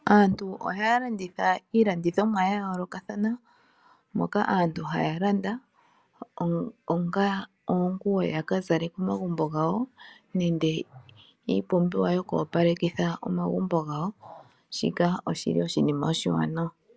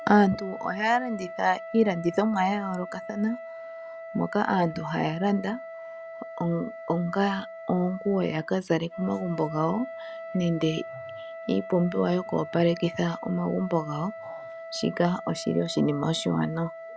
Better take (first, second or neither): first